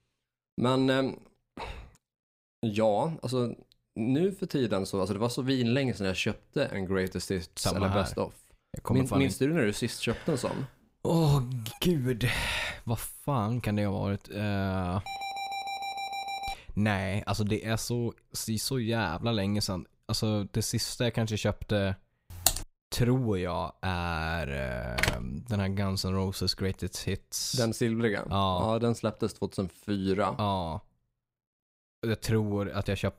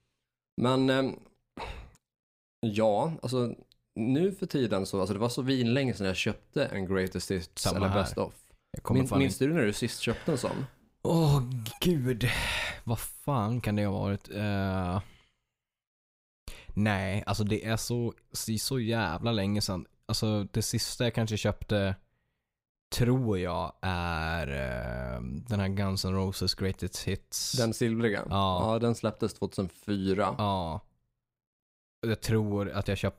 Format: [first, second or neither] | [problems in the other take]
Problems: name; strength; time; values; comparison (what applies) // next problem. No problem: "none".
second | alarm; noticeable; from 15 to 17 s; peak 4 dB below the speech // keyboard typing; loud; at 22 s; peak 3 dB above the speech // door banging; loud; at 25 s; peak level with the speech